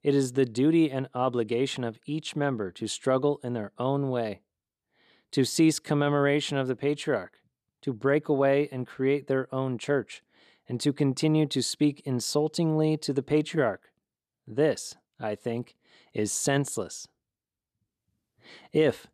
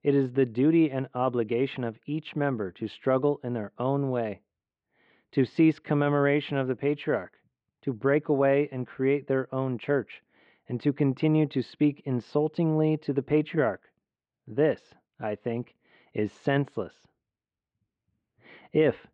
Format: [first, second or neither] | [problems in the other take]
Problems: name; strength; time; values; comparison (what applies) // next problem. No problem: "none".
first | muffled; very; fading above 2.5 kHz